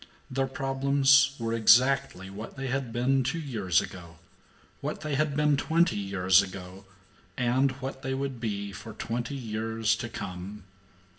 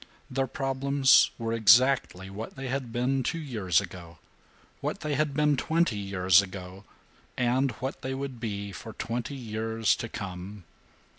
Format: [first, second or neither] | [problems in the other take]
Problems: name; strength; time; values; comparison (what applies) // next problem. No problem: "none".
second | room echo; dies away in 0.7 s